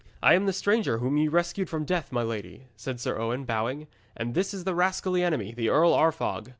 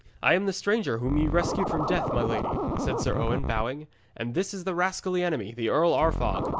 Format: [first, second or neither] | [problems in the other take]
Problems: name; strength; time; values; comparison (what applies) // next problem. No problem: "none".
first | background sound (Scratching (performance technique)); 4 dB below the speech